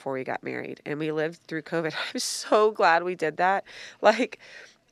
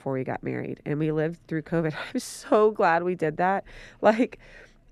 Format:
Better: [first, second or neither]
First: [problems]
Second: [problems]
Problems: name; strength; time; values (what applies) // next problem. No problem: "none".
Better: second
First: thin; very slightly; fading below 1 kHz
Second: none